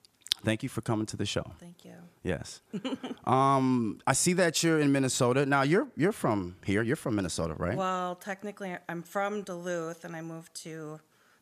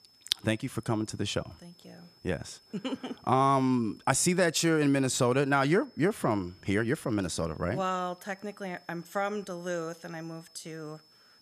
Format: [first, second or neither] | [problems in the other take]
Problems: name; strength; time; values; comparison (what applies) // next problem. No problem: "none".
first | high-pitched whine; faint; throughout; 5 kHz, 30 dB below the speech